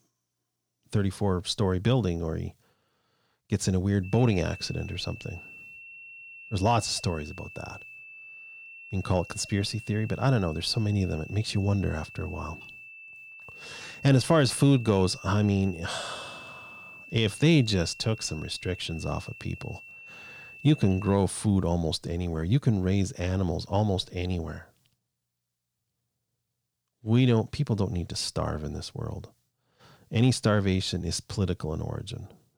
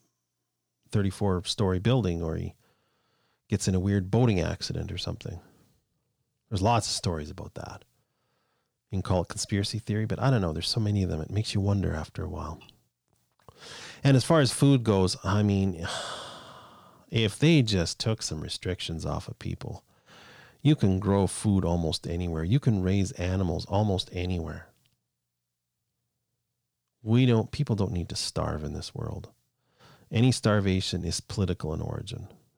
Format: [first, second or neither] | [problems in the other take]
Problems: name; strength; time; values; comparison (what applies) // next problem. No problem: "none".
second | high-pitched whine; noticeable; from 4 to 21 s; 2.5 kHz, 15 dB below the speech